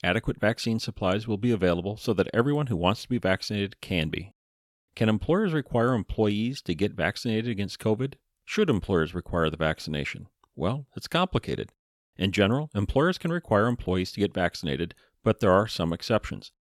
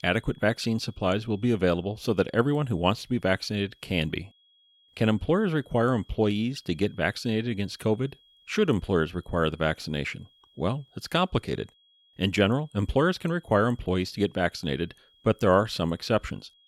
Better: first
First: none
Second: high-pitched whine; faint; throughout; 3.5 kHz, 30 dB below the speech

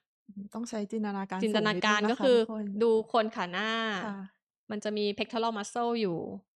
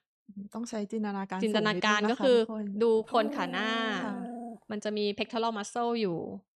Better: first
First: none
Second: dog barking; noticeable; from 3 to 4.5 s; peak 8 dB below the speech

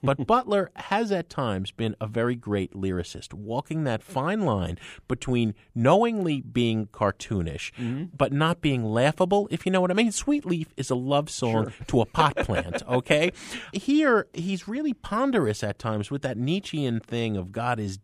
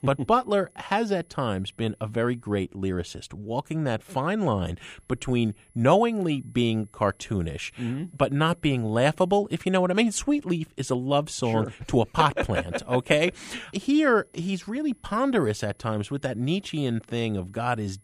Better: first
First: none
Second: high-pitched whine; faint; until 2.5 s, from 5 to 9.5 s and from 13 s on; 10.5 kHz, 35 dB below the speech

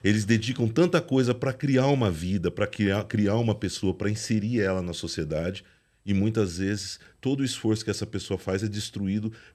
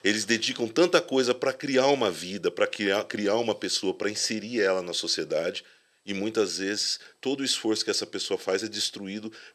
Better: first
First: none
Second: thin; somewhat; fading below 450 Hz

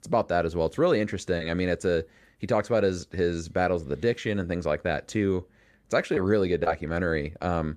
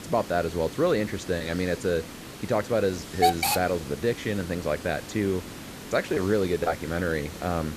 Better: first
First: none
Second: hiss; loud; throughout; 6 dB below the speech

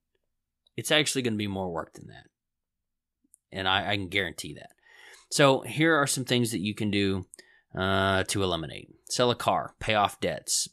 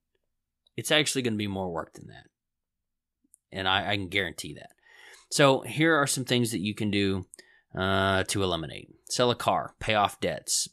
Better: neither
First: none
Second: none

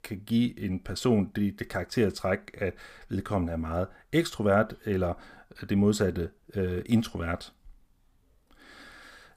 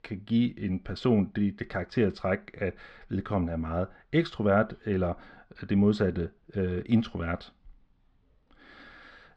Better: first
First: none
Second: muffled; very slightly; fading above 4 kHz

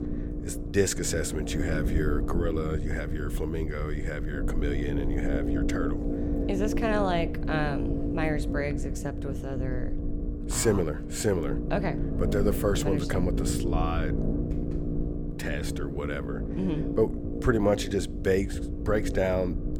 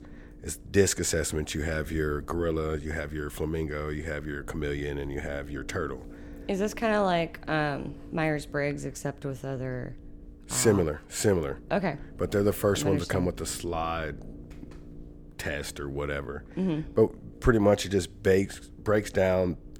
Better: second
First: low rumble; loud; throughout; 6 dB below the speech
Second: low rumble; faint; throughout; 25 dB below the speech

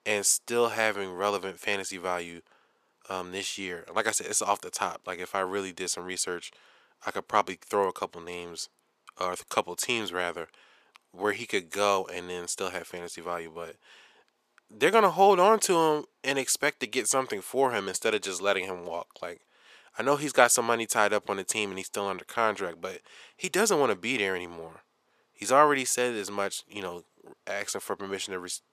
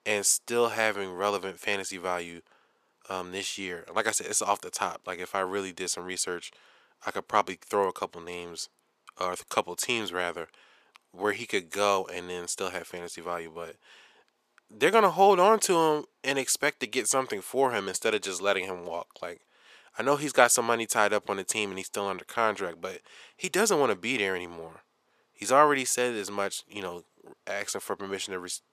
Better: neither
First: thin; very; fading below 450 Hz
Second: thin; very; fading below 450 Hz

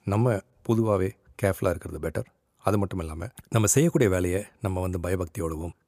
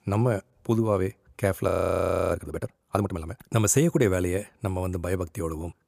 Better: first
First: none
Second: audio freezing; at 1.5 s for 0.5 s

